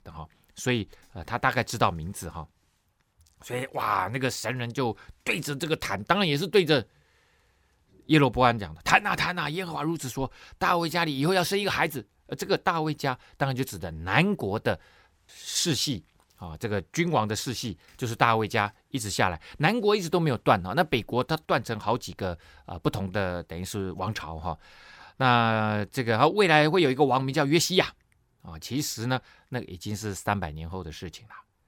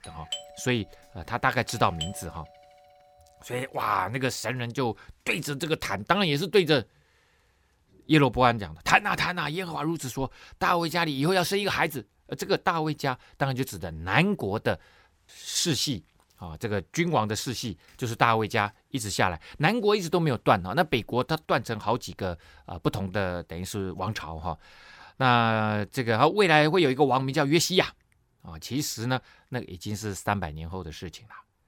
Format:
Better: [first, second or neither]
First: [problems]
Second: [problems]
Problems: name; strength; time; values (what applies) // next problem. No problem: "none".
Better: first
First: none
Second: doorbell; noticeable; until 2 s; peak 9 dB below the speech